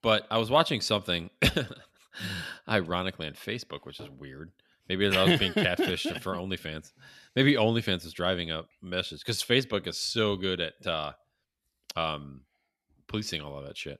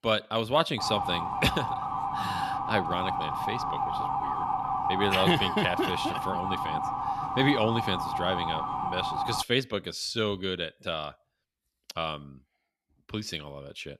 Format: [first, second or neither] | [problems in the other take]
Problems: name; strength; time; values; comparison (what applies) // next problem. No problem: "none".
first | siren; loud; from 1 to 9.5 s; peak 1 dB above the speech